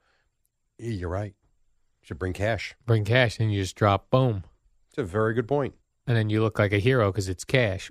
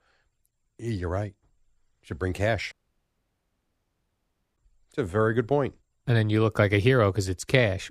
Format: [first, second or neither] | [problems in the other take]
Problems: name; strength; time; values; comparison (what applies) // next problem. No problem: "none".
first | audio cutting out; at 2.5 s for 2 s